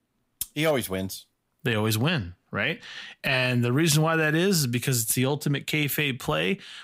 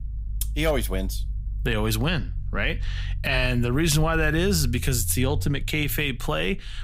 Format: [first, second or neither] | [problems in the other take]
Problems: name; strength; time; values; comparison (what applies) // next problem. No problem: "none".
first | low rumble; faint; throughout; 25 dB below the speech